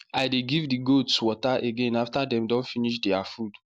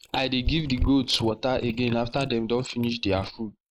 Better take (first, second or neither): first